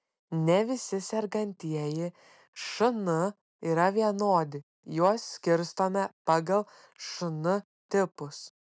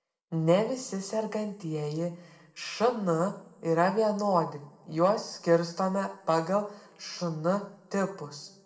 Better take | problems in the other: first | room echo; dies away in 1 s

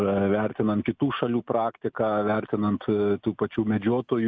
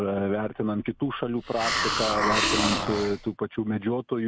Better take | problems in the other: first | background sound (Hiss); 1 dB below the speech

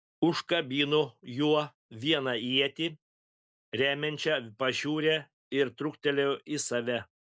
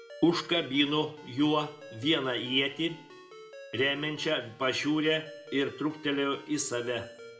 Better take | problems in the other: first | background sound (Ringtone); 18 dB below the speech // room echo; dies away in 0.5 s

